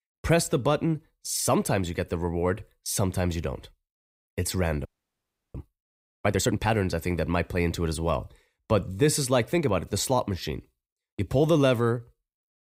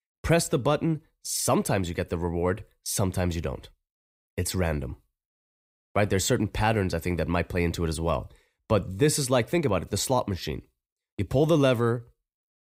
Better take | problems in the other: second | audio freezing; at 5 s for 0.5 s

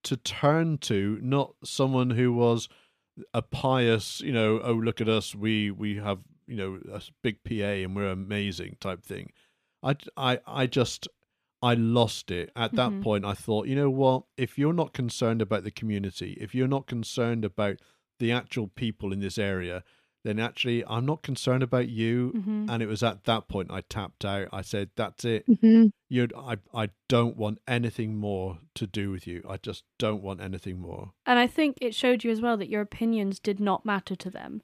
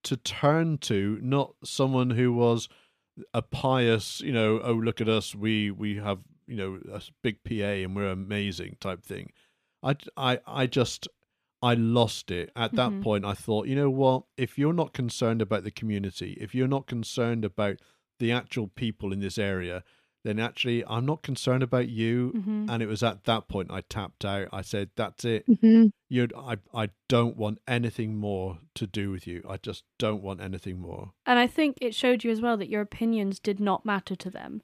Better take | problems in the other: neither | none

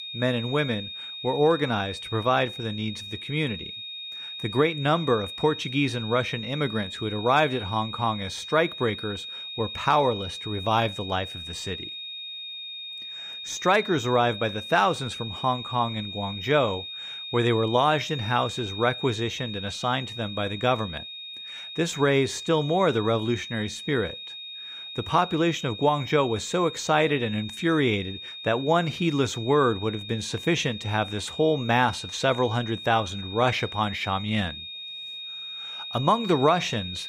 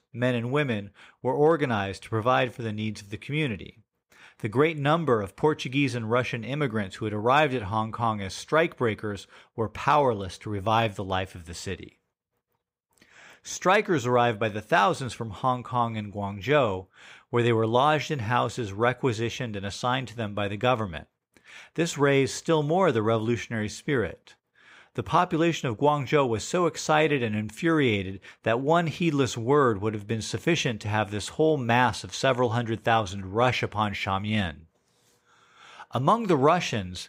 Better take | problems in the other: second | high-pitched whine; loud; throughout; 3.5 kHz, 9 dB below the speech

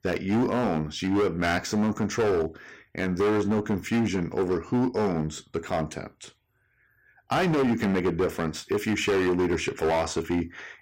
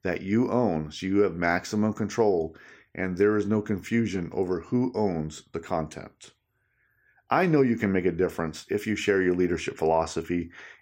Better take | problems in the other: second | distortion; heavy; 15% of the sound clipped

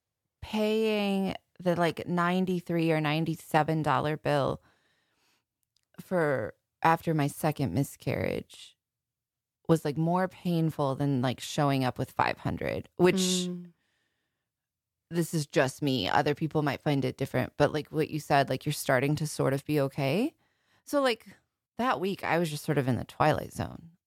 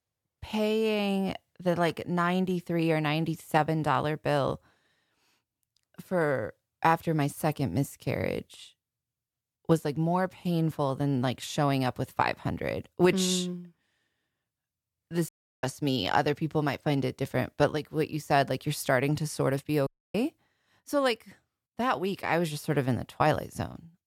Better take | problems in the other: first | audio cutting out; at 15 s and at 20 s

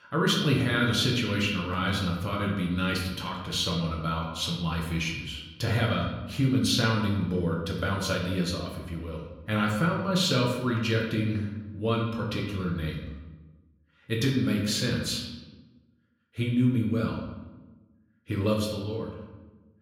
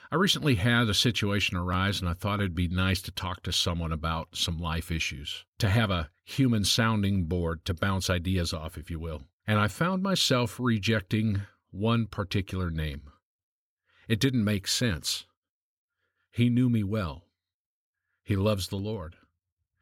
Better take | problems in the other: second | room echo; noticeable; dies away in 0.9 s // off-mic speech; somewhat distant

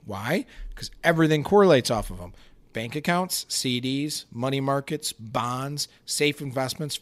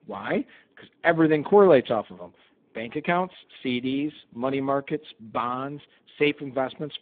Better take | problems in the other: first | phone-call audio; poor line; nothing above 3.5 kHz

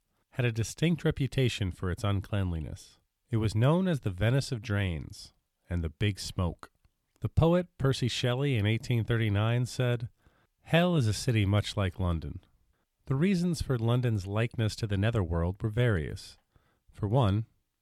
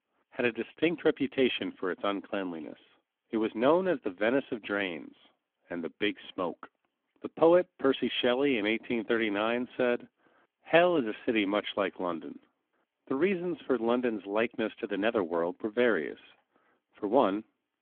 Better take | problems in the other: first | phone-call audio; nothing above 3.5 kHz

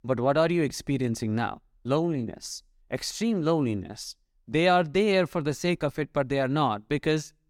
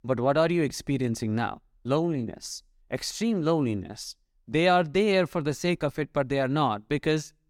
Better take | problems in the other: neither | none

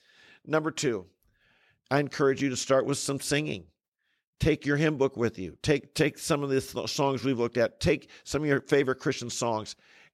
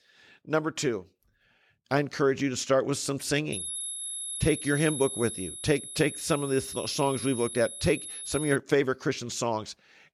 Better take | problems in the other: first | high-pitched whine; loud; from 3.5 to 8.5 s; 11 kHz, 7 dB below the speech

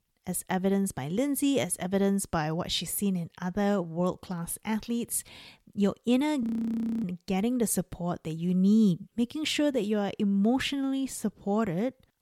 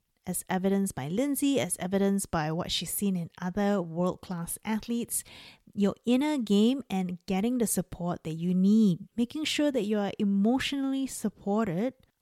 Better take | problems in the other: second | audio freezing; at 6.5 s for 0.5 s

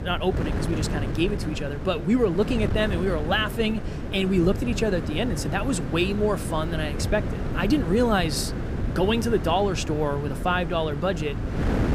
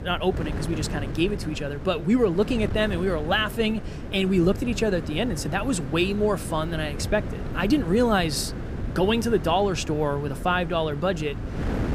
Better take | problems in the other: second | wind noise on the microphone; heavy; 9 dB below the speech; occasional gusts in the second

